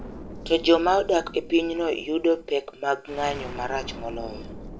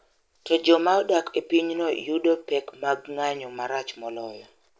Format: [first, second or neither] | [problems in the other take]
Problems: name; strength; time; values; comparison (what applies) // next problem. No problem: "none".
second | background sound (Explosion); 14 dB below the speech